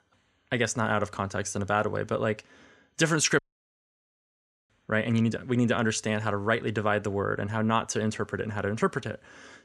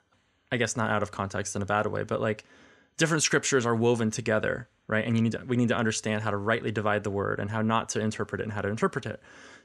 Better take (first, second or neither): second